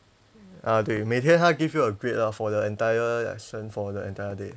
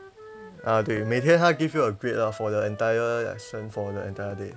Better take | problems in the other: first | background sound (Wind instrument, woodwind instrument); 19 dB below the speech

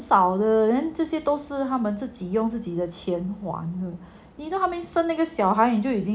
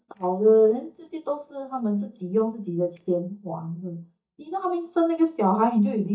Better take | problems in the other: first | noise reduction (neural mask model DeepFilterNet 3)

